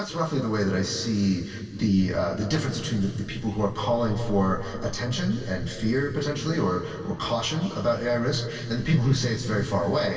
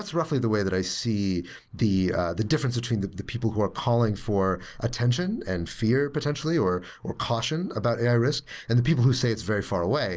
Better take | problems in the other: second | room echo; dies away in 2.6 s

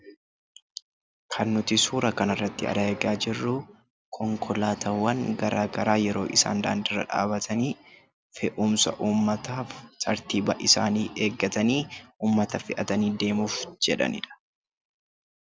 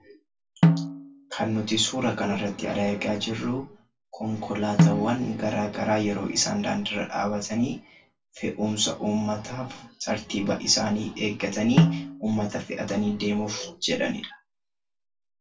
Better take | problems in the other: first | background sound (Snare drum); 2 dB above the speech // room echo; dies away in 0.2 s

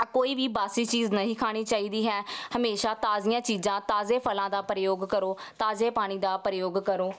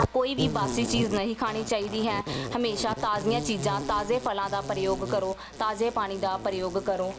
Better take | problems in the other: first | background sound (Insect); 7 dB below the speech

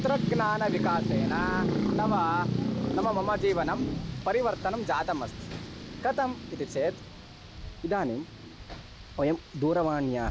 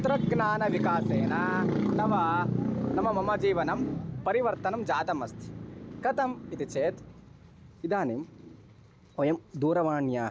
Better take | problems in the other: second | background sound (Rain); 16 dB below the speech

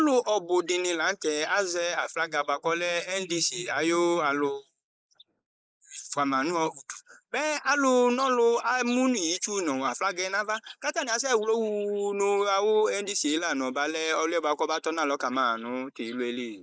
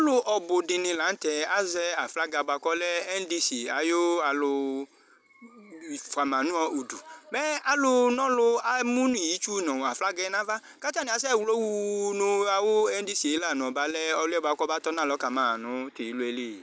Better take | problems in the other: second | noise reduction (neural mask model Resemble Enhance denoiser)

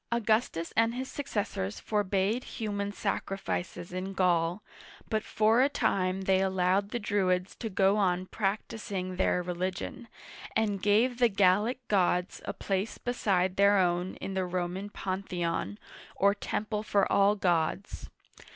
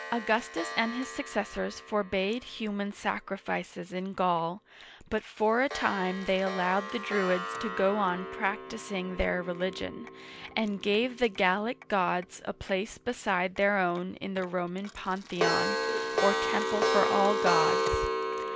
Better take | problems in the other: first | background sound (Clock); 4 dB below the speech

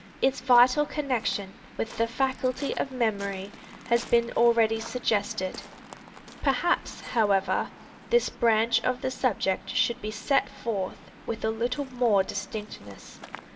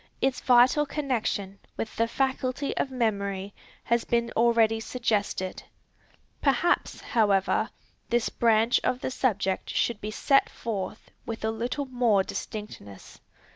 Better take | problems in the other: second | background sound (Waves, surf); 19 dB below the speech // room echo; dies away in 0.3 s

